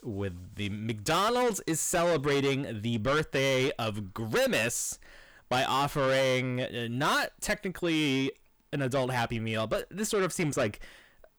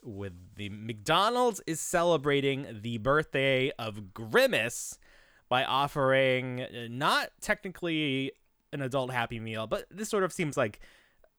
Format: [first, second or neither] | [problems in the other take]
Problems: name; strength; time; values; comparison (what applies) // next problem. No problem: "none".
second | distortion; heavy; 7 dB below the speech